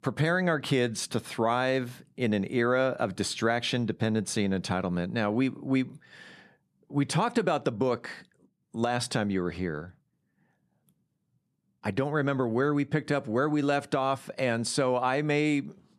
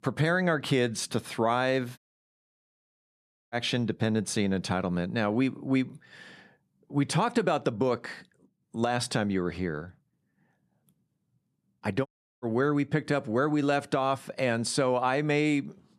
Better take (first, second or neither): first